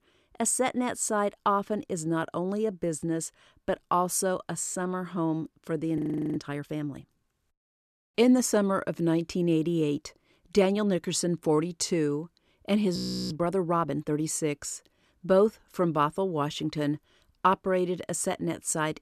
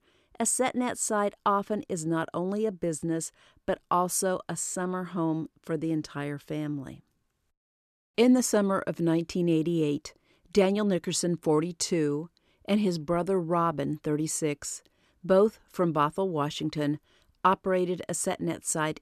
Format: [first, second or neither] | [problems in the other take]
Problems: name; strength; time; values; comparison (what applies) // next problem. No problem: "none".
second | audio freezing; at 6 s and at 13 s